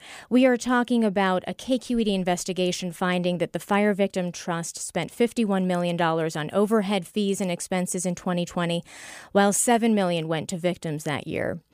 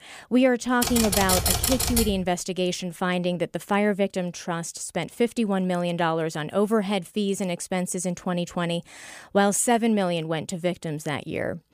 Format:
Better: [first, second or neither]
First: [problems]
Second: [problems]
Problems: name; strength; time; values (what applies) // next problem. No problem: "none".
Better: first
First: none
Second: keyboard typing; loud; from 1 to 2 s; peak 4 dB above the speech